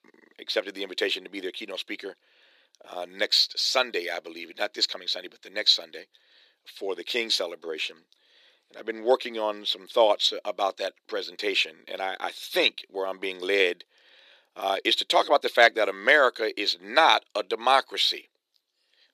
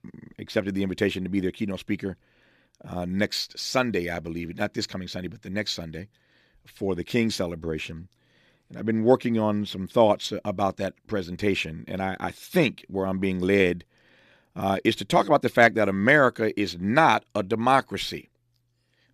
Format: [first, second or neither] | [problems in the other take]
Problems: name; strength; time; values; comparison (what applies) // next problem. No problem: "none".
second | thin; very; fading below 400 Hz